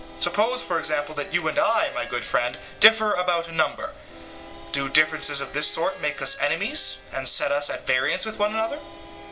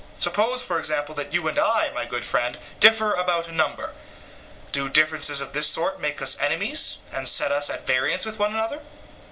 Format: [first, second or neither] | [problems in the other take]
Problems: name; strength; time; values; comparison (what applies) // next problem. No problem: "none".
second | background sound (Harmonica); 19 dB below the speech